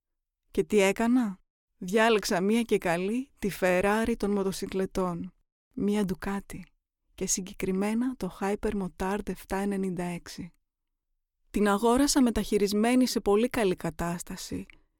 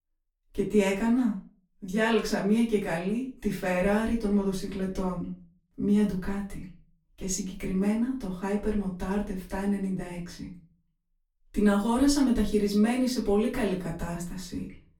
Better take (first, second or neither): first